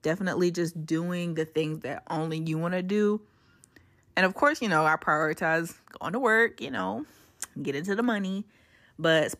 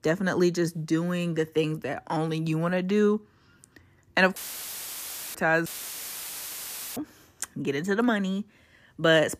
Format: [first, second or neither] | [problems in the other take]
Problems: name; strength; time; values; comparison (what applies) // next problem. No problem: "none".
first | audio cutting out; filled with static; at 4.5 s for 1 s and at 5.5 s for 1.5 s